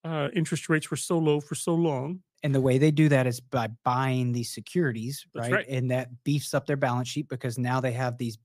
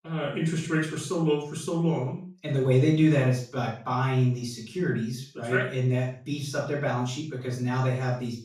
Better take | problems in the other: first | room echo; noticeable; dies away in 0.4 s // off-mic speech; far

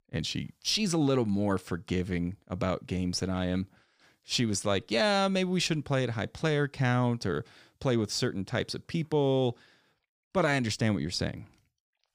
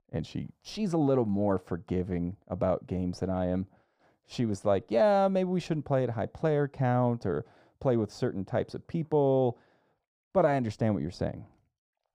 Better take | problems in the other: first | muffled; very; fading above 1.5 kHz

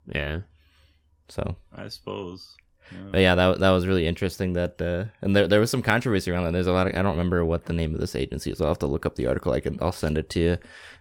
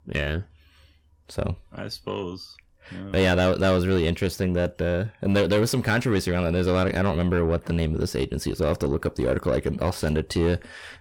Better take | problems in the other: first | distortion; slight; 10 dB below the speech

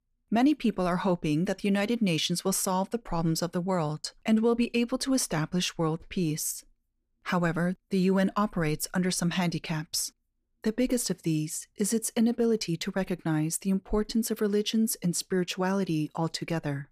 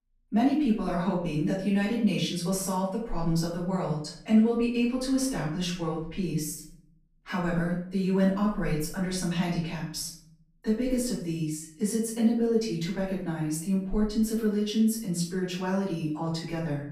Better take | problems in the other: first | off-mic speech; far // room echo; noticeable; dies away in 0.5 s

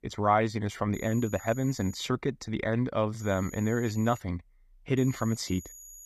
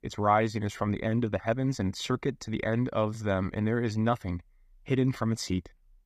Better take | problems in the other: second | high-pitched whine; noticeable; from 1 to 2 s, from 3 to 4 s and from 5 s on; 7 kHz, 15 dB below the speech

